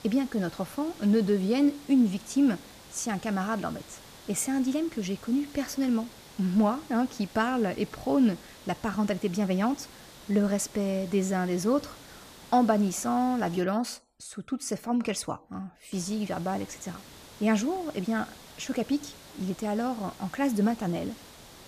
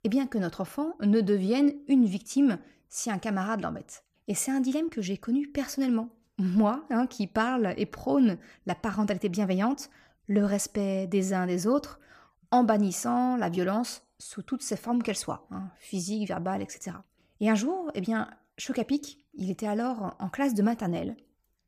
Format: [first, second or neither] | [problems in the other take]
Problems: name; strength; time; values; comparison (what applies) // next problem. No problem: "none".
second | hiss; noticeable; until 14 s and from 16 s on; 20 dB below the speech